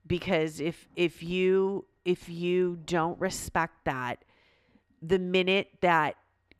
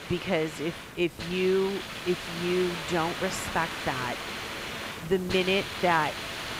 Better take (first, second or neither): first